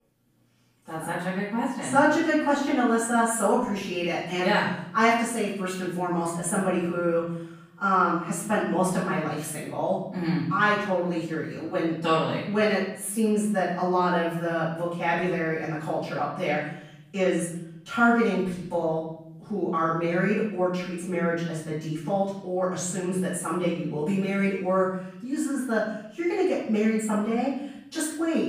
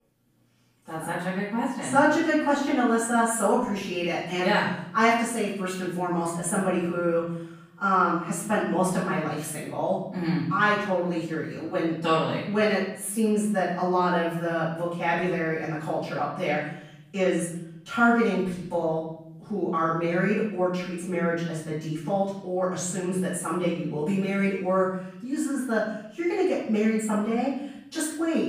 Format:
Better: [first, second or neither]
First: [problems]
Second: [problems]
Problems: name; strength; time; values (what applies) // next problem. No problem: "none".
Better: neither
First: off-mic speech; far // room echo; noticeable; dies away in 0.7 s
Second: off-mic speech; far // room echo; noticeable; dies away in 0.7 s